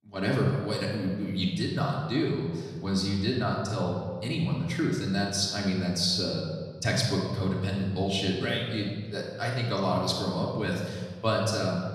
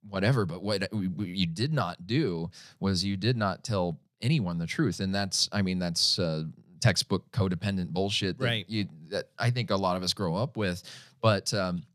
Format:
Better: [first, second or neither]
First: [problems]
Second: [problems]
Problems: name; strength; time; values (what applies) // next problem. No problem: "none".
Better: second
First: off-mic speech; far // room echo; noticeable; dies away in 1.3 s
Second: none